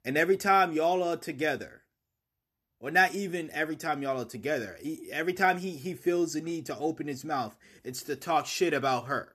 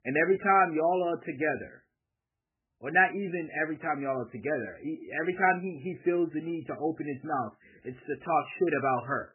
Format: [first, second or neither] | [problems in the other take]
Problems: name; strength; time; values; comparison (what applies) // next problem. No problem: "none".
first | garbled, watery; badly; nothing above 2.5 kHz